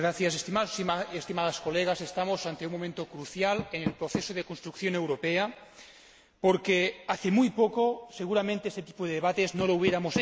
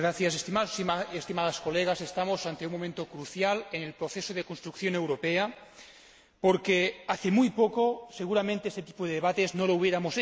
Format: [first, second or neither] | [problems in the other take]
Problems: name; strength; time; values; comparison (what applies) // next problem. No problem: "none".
second | background sound (Door); 13 dB below the speech